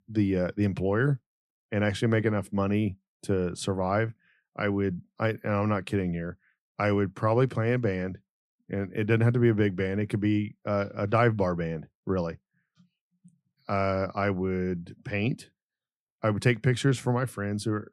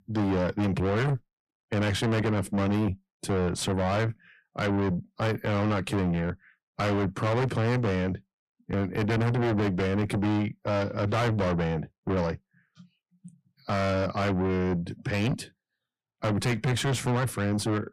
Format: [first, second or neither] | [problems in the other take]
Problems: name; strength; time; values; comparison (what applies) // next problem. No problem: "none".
first | distortion; heavy; 5 dB below the speech